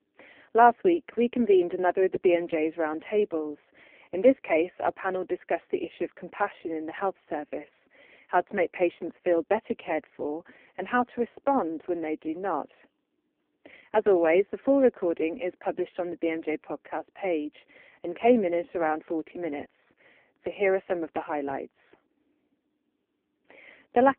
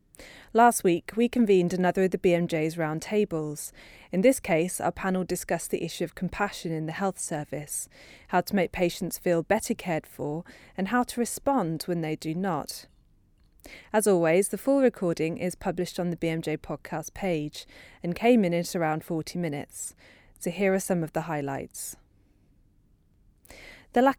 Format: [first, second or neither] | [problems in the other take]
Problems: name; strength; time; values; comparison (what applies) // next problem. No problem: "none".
second | phone-call audio; poor line